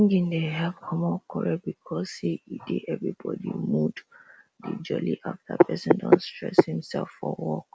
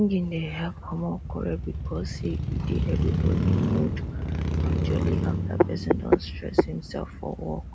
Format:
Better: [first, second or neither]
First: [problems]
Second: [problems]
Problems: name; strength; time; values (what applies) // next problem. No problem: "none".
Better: first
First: none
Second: background sound (Motorcycle); 1 dB above the speech